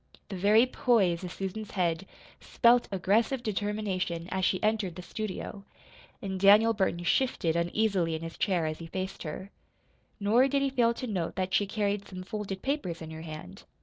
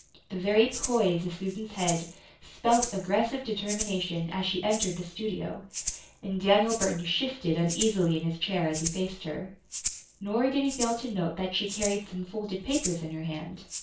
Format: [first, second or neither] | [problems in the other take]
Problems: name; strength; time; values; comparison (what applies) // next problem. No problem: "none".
first | background sound (Rattle (instrument)); 10 dB below the speech // room echo; dies away in 0.3 s